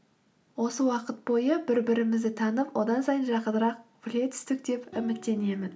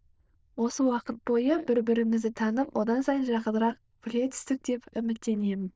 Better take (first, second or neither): first